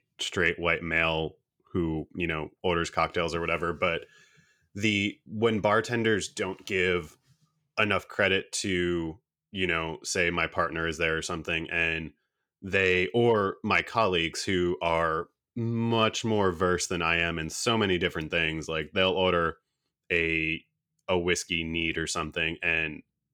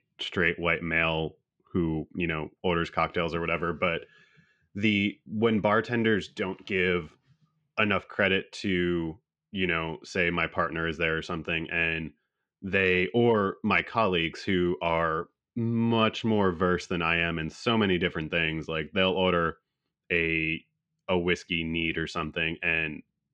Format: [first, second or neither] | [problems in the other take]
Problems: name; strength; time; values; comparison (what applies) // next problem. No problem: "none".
first | muffled; slightly; fading above 3 kHz